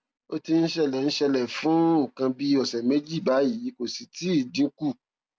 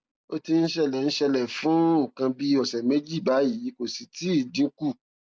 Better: first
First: none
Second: noise reduction (neural mask model Resemble Enhance denoiser)

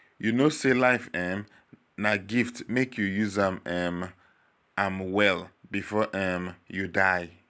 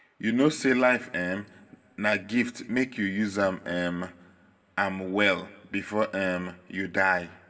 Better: first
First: none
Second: room echo; dies away in 0.5 s

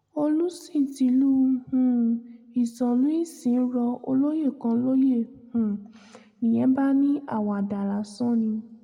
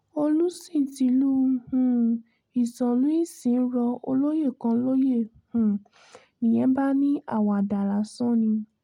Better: second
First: room echo; dies away in 0.9 s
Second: none

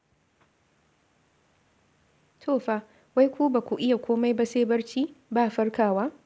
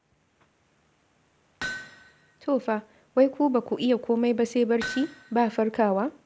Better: first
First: none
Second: background sound (Hammer); 14 dB below the speech

